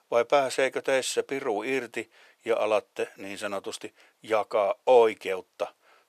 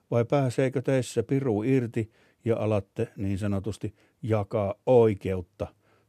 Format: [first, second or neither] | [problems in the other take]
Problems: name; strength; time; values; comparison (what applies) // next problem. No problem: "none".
second | thin; very; fading below 750 Hz